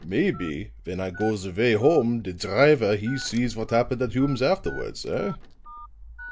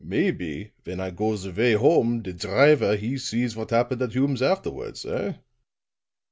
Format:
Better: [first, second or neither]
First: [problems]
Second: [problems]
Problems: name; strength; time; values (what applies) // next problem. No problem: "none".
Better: second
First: background sound (Crack + Telephone); 15 dB below the speech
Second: none